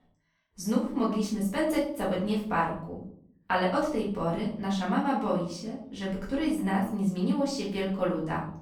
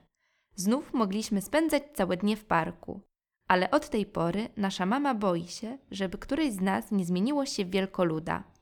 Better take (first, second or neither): second